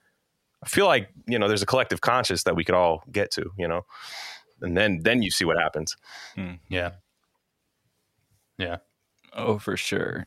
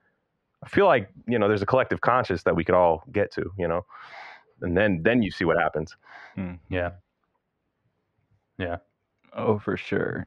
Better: first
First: none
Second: muffled; very; fading above 1.5 kHz

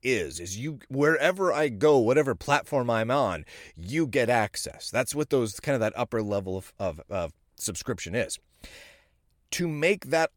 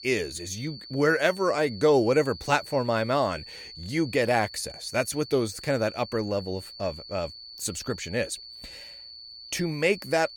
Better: first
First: none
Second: high-pitched whine; noticeable; throughout; 4.5 kHz, 15 dB below the speech

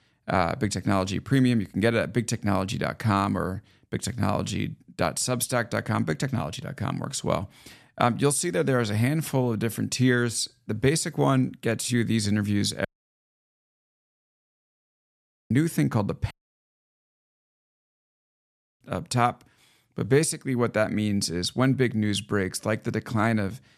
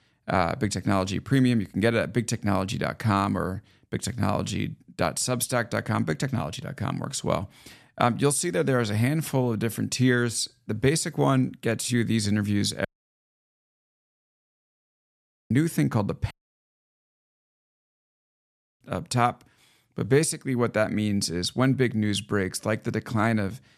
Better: neither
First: audio cutting out; at 13 s for 2.5 s and at 16 s for 2.5 s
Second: audio cutting out; at 13 s for 2.5 s and at 16 s for 2.5 s

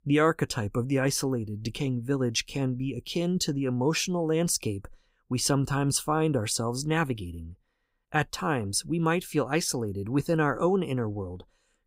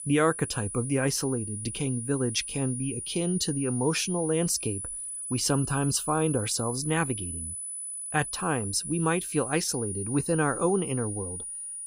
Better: first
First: none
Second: high-pitched whine; loud; throughout; 10 kHz, 6 dB below the speech

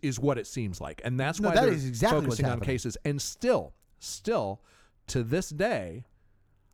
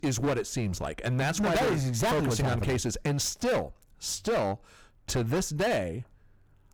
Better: first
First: none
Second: distortion; heavy; 18% of the sound clipped

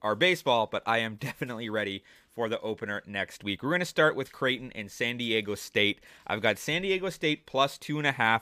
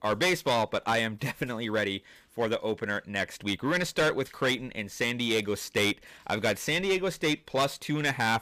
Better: first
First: none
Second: distortion; heavy; 8% of the sound clipped

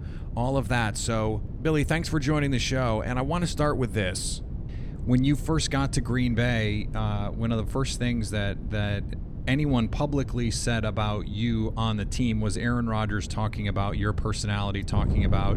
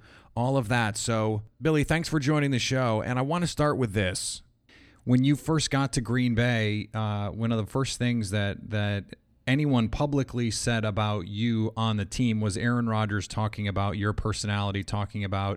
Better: second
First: wind noise on the microphone; occasional gusts; 15 dB below the speech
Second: none

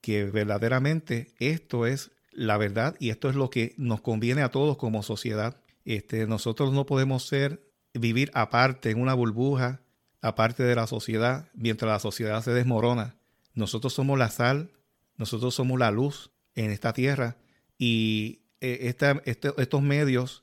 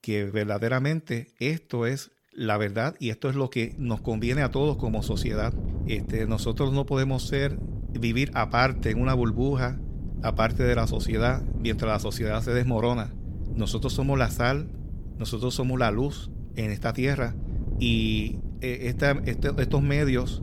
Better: first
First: none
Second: wind noise on the microphone; occasional gusts; from 3.5 s on; 15 dB below the speech

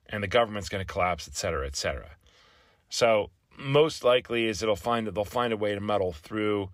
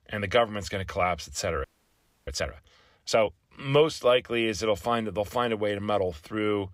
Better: first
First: none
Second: audio freezing; at 1.5 s for 0.5 s

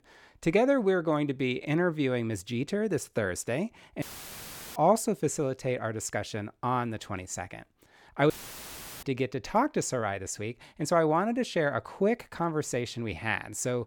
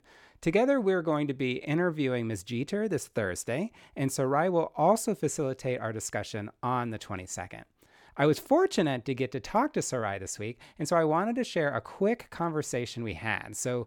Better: second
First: audio cutting out; filled with static; at 4 s for 0.5 s and at 8.5 s for 0.5 s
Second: none

